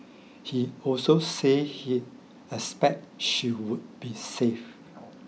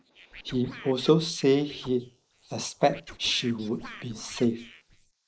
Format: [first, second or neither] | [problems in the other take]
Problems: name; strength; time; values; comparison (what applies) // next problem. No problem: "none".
first | noise reduction (neural mask model Resemble Enhance denoiser)